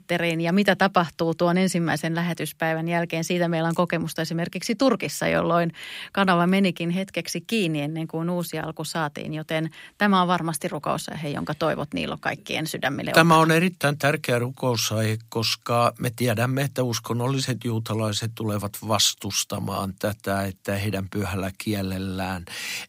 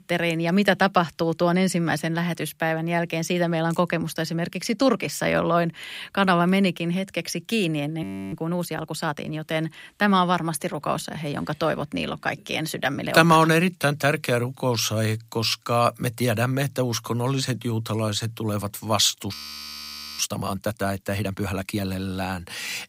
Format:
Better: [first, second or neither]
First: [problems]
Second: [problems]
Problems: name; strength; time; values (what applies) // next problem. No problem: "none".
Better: first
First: none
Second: audio freezing; at 8 s and at 19 s for 1 s